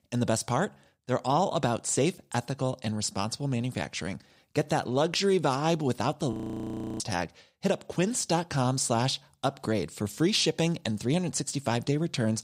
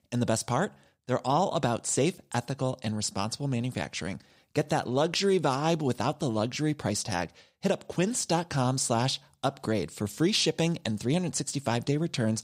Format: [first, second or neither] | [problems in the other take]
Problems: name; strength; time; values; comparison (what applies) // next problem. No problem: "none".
second | audio freezing; at 6.5 s for 0.5 s